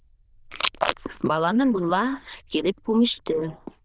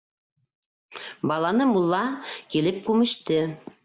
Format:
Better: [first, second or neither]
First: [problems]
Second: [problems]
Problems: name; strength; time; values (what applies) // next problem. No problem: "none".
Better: second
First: noise reduction (neural diffusion model UNIVERSE++)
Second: none